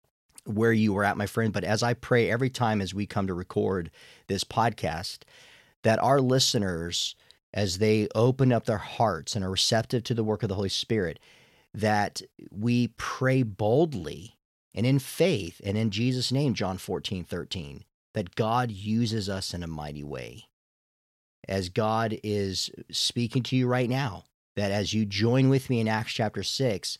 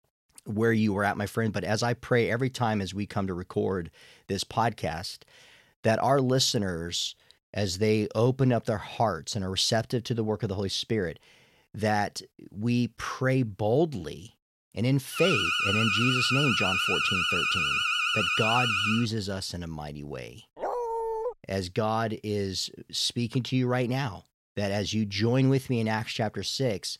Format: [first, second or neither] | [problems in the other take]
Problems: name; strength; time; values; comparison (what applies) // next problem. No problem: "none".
first | alarm; loud; from 15 to 19 s; peak 4 dB above the speech // dog barking; noticeable; at 21 s; peak 3 dB below the speech